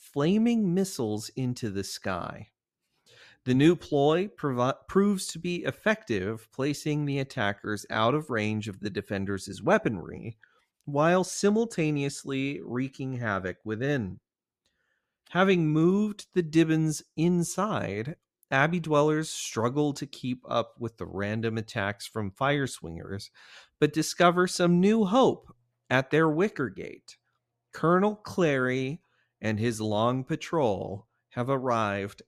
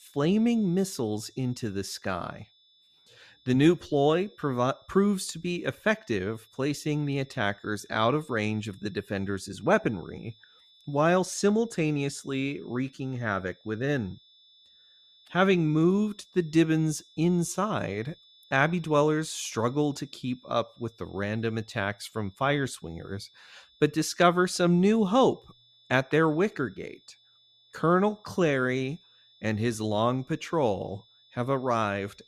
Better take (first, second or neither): first